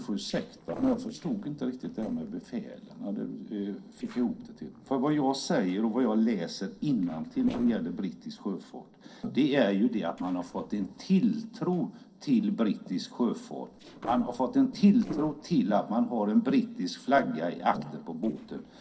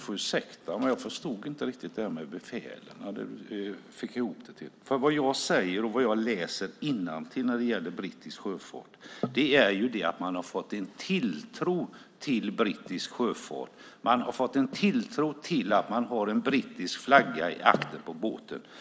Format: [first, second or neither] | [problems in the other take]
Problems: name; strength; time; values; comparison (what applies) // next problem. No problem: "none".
second | noise reduction (neural separator model SepFormer DNS4)